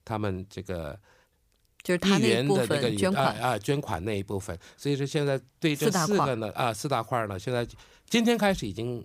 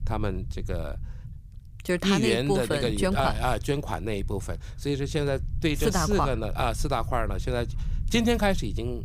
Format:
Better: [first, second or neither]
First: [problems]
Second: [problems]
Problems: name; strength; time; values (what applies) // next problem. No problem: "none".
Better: first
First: none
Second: low rumble; faint; throughout; 25 dB below the speech